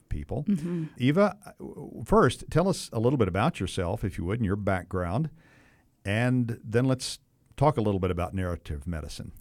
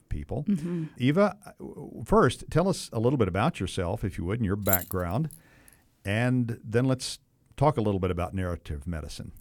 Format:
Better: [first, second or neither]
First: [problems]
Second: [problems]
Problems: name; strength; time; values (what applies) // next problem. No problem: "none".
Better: first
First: none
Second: jangling keys; loud; at 4.5 s; peak 1 dB above the speech